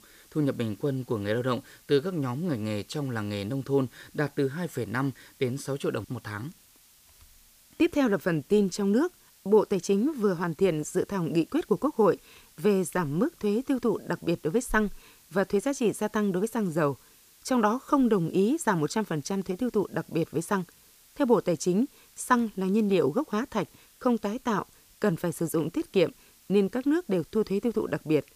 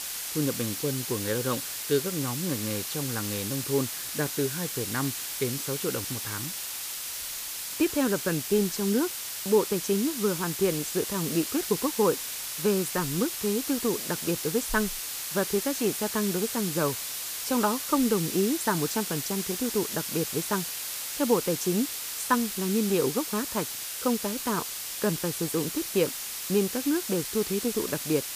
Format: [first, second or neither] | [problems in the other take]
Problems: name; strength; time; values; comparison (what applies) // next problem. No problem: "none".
first | hiss; loud; throughout; 3 dB below the speech; faint in the first